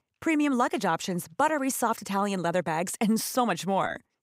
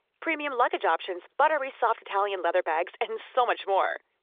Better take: first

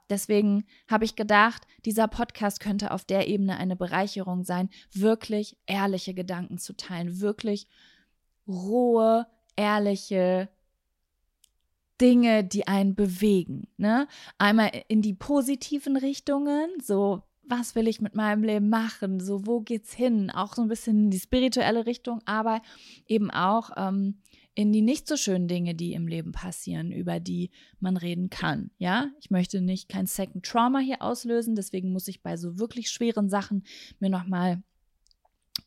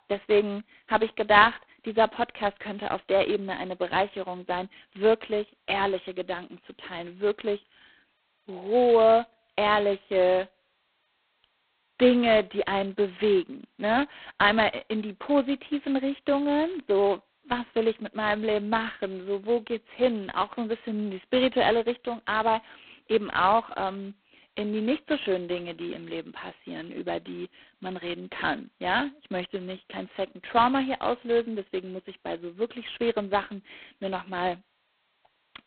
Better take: first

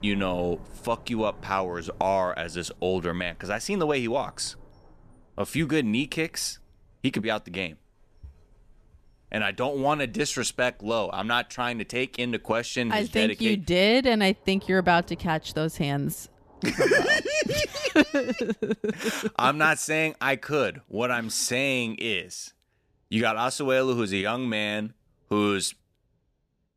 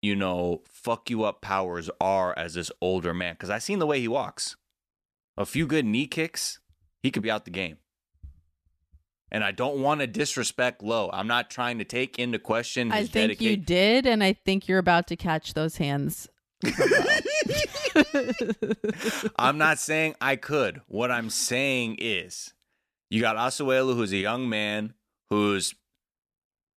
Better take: second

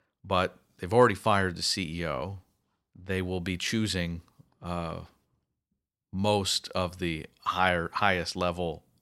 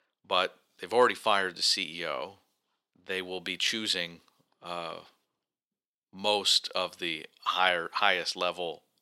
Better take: first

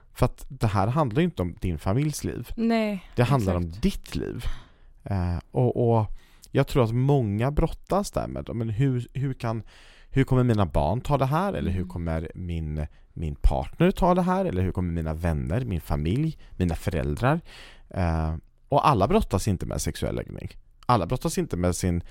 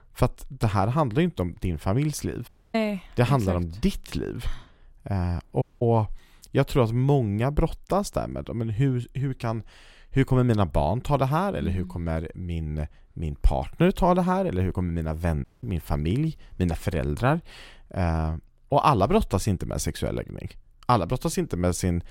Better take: first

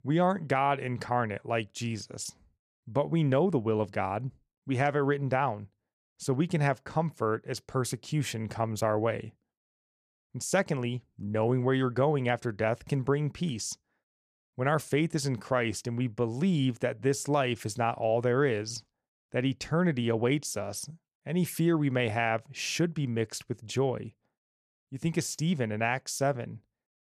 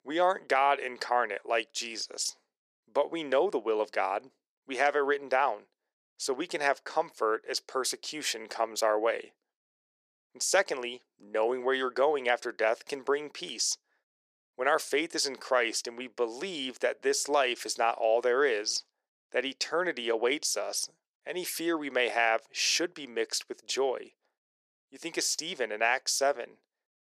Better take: first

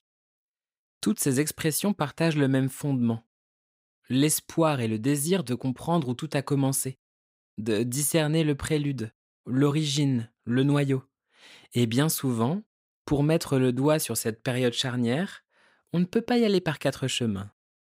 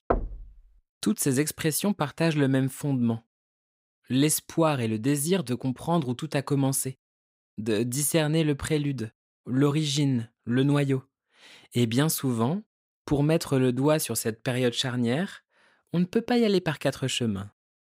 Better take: first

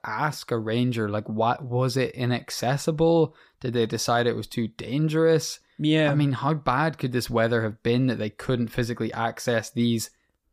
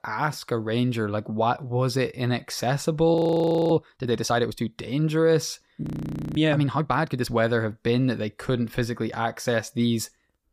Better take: first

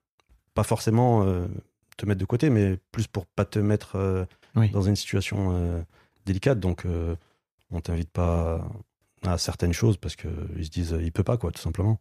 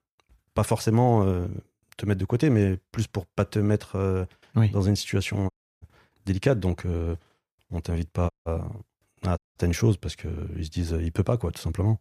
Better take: first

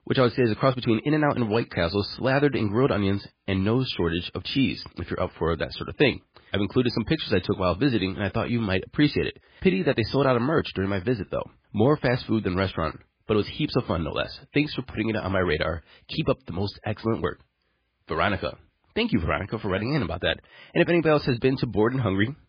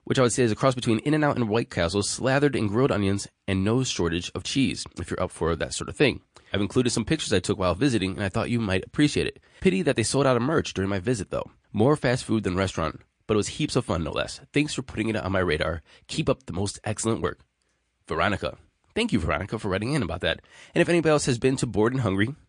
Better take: second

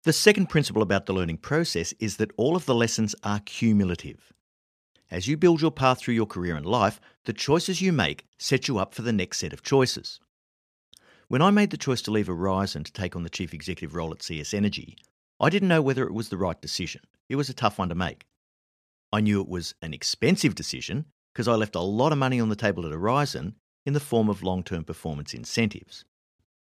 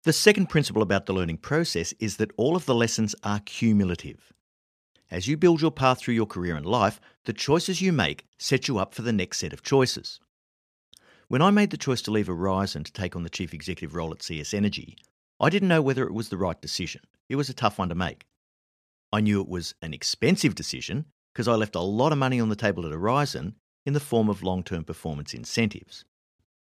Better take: neither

